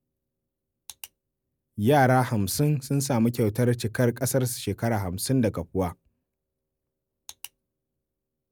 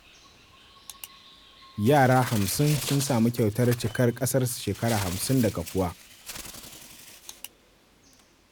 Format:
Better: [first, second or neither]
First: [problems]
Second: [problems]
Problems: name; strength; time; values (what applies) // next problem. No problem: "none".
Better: first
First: none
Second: background sound (Bird); 14 dB below the speech